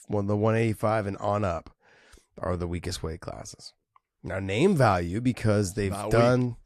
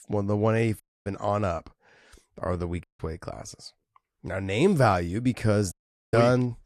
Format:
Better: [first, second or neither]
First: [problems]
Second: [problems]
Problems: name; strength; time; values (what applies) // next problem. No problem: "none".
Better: first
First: none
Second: audio cutting out; at 1 s, at 3 s and at 5.5 s